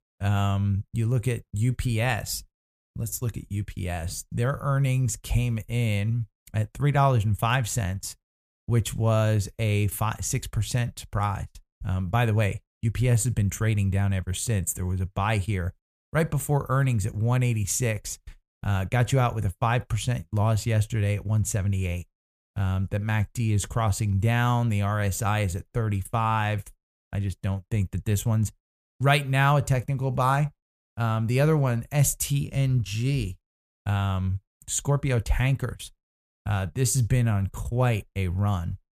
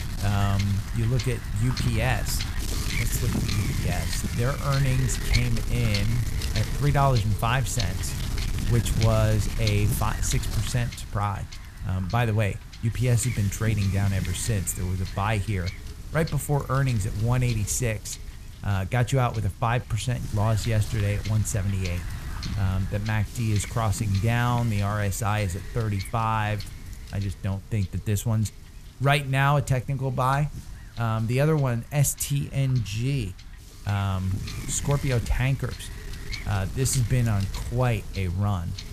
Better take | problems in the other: first | wind noise on the microphone; heavy; 8 dB below the speech

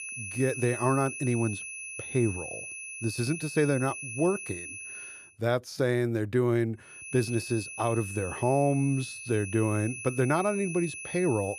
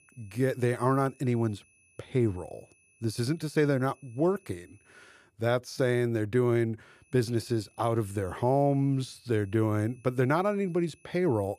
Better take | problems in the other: second | high-pitched whine; loud; until 5 s and from 7 s on; 2.5 kHz, 9 dB below the speech; faint in the second

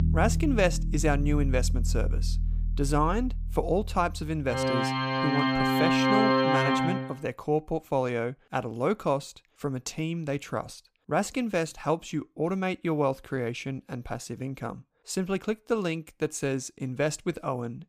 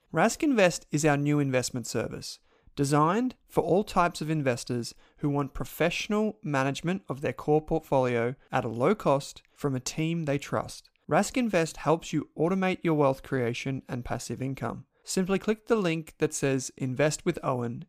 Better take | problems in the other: second | background music; very loud; until 7 s; 2 dB above the speech

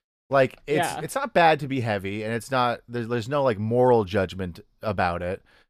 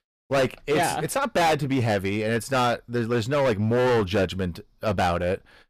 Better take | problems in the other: first | distortion; heavy; 14% of the sound clipped

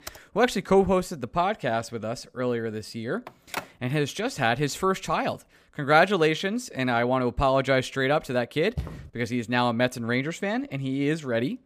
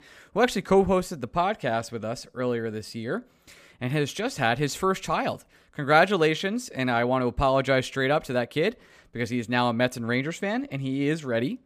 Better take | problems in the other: second | keyboard typing; faint; at the start; peak 15 dB below the speech // phone ringing; noticeable; at 3.5 s; peak 10 dB below the speech // footsteps; faint; at 9 s; peak 10 dB below the speech

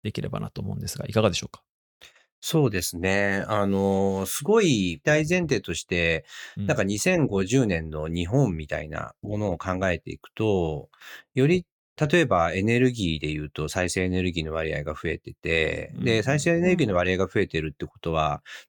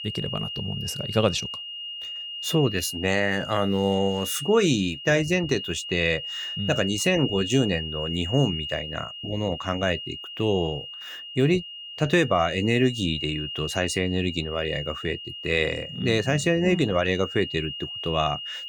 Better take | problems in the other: first | high-pitched whine; loud; throughout; 3 kHz, 8 dB below the speech

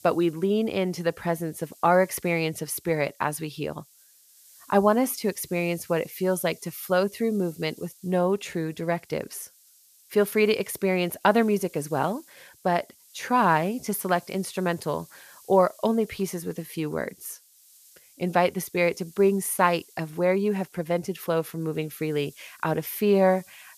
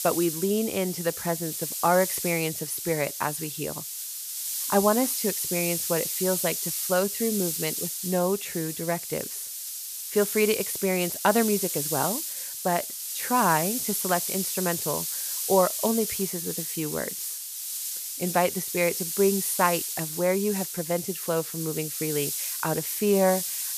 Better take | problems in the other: first | hiss; loud; throughout; 2 dB below the speech; faint in the first

